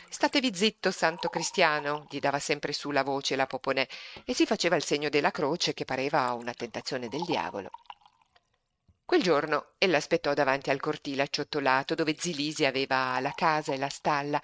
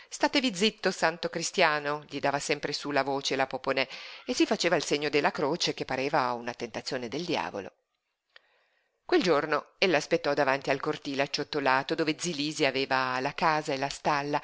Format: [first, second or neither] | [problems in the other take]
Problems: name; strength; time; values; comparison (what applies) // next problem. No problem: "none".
second | noise reduction (neural mask model RNNoise)